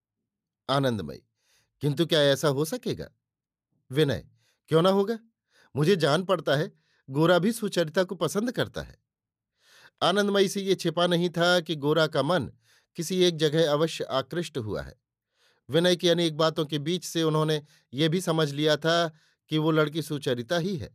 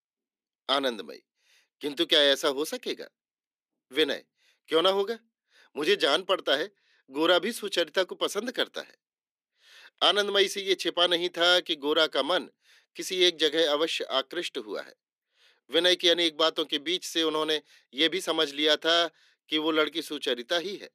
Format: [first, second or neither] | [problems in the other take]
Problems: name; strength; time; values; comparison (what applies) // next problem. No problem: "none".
first | thin; somewhat; fading below 250 Hz